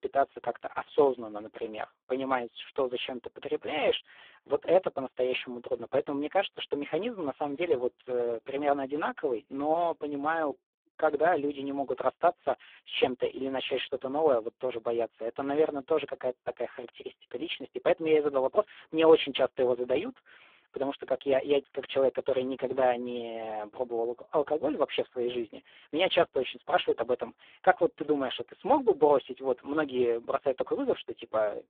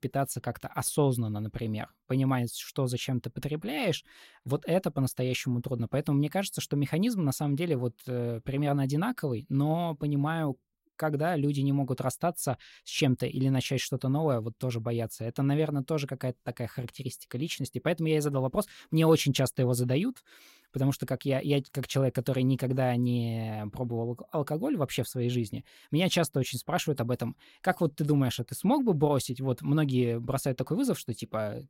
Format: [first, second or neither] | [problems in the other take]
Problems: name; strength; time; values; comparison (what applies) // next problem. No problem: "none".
second | phone-call audio; poor line